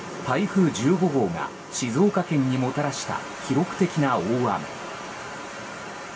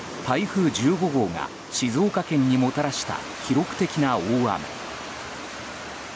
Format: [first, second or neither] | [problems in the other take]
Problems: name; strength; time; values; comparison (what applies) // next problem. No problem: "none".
second | room echo; dies away in 0.2 s